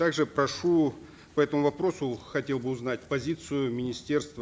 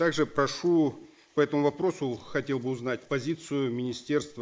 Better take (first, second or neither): first